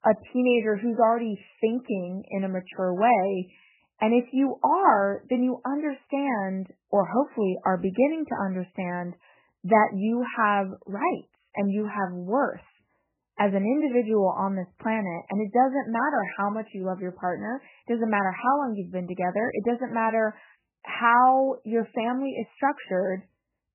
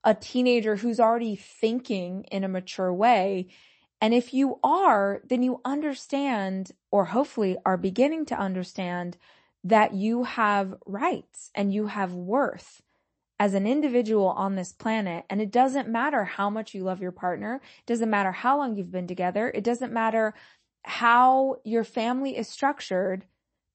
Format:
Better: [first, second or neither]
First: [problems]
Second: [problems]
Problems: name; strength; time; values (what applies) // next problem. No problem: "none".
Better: second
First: garbled, watery; badly; nothing above 3 kHz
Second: garbled, watery; slightly; nothing above 8 kHz